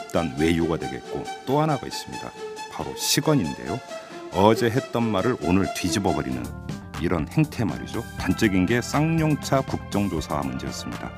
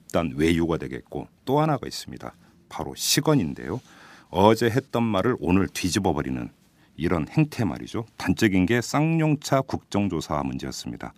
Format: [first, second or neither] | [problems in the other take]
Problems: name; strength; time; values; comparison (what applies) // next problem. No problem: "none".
second | background music; noticeable; throughout; 10 dB below the speech